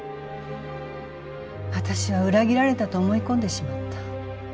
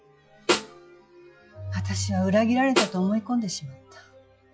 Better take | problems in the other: first | noise reduction (classical method log-MMSE)

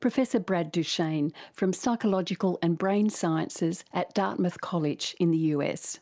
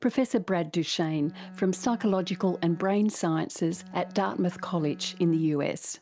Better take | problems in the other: first | background sound (Bowed string instrument); 19 dB below the speech

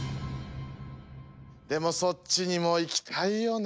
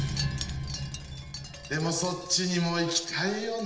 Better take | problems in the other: first | background sound (Wind chime); 13 dB below the speech // room echo; dies away in 0.8 s

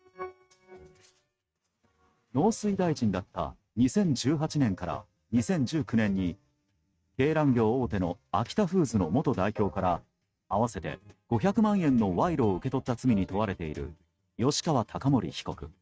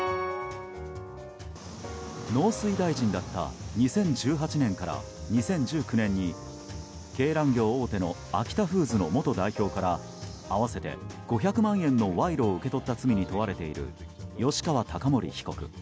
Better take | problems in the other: second | noise reduction (neural mask model RNNoise)

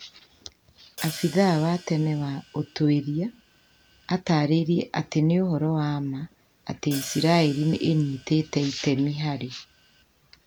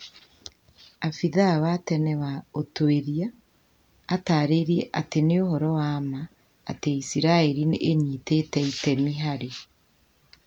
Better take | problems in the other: second | background sound (Hi-hat); 18 dB below the speech

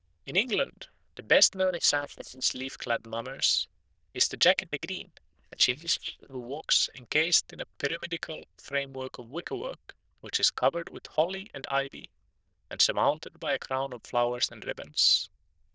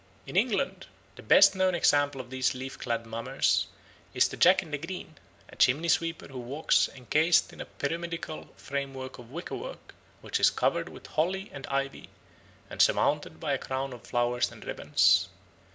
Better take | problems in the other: second | noise reduction (neural diffusion model UNIVERSE++)

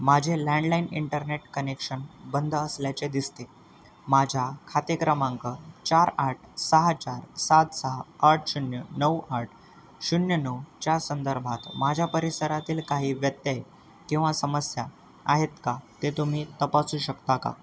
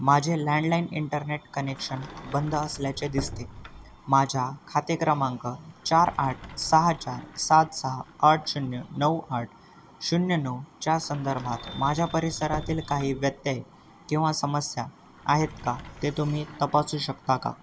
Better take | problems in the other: first | background sound (Sliding door); 18 dB below the speech

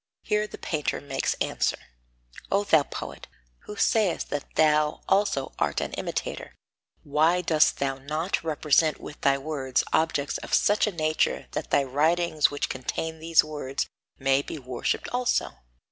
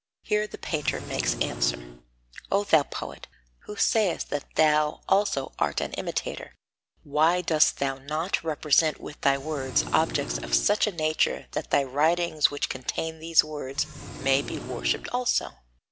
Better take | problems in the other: first | background sound (Engine); 10 dB below the speech

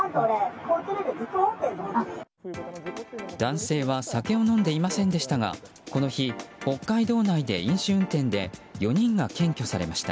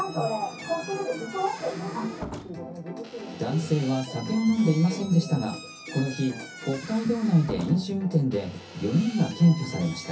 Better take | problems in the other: first | background sound (Squeak / Slam); 16 dB below the speech // room echo; dies away in 0.3 s

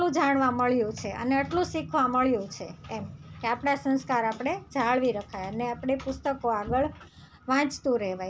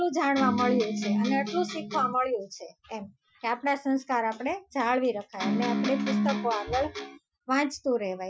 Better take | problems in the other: first | noise reduction (classical method Wiener filter)

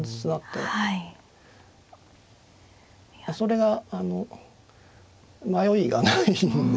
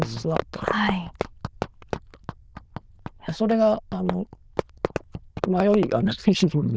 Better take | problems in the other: first | noise reduction (neural diffusion model UNIVERSE++)

